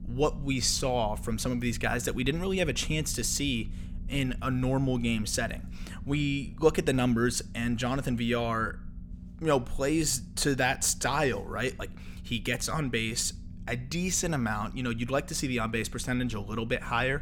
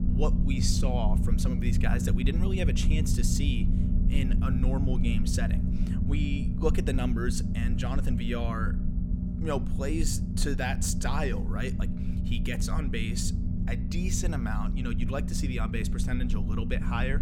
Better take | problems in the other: first | low rumble; loud; throughout; 5 dB below the speech; faint in the first

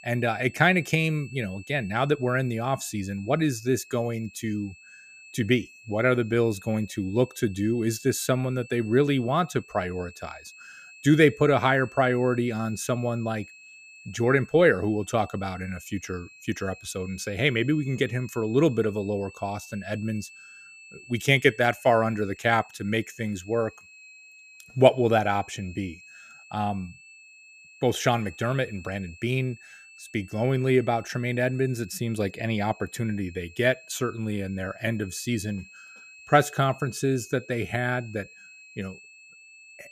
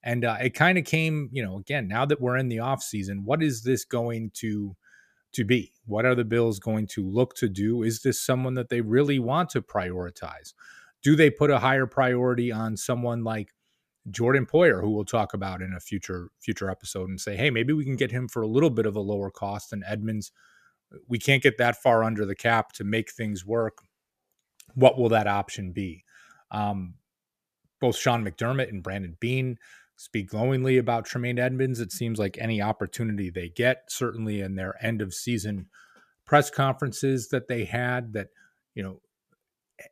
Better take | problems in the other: second | high-pitched whine; faint; throughout; 2.5 kHz, 20 dB below the speech

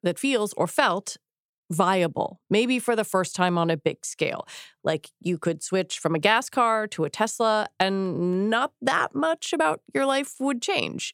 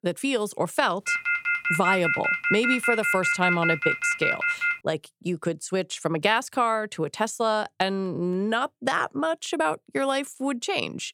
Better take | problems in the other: first | phone ringing; loud; from 1 to 5 s; peak 3 dB above the speech

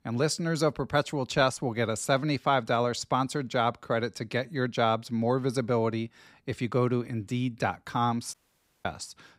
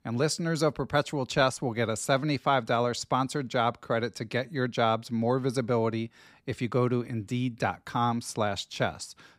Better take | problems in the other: second | audio cutting out; at 8.5 s for 0.5 s

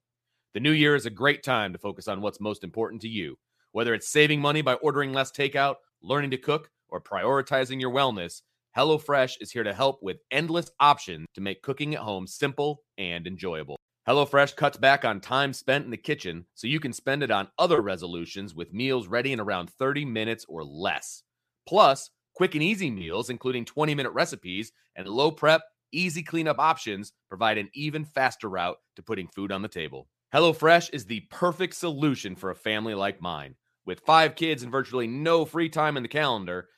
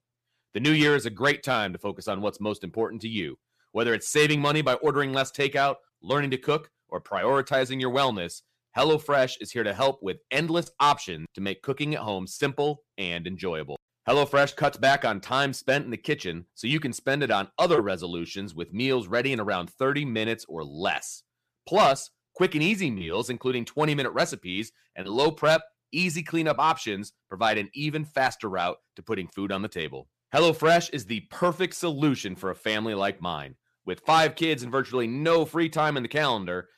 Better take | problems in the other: first | distortion; slight; 10 dB below the speech

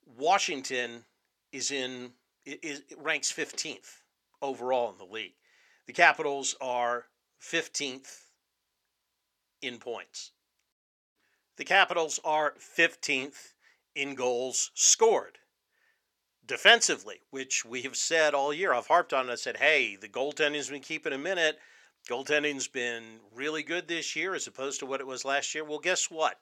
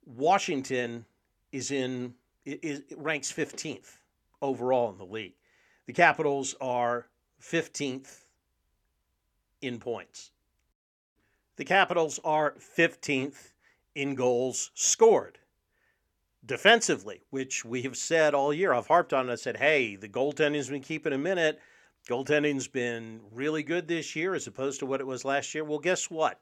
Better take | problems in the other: second | thin; very slightly; fading below 750 Hz

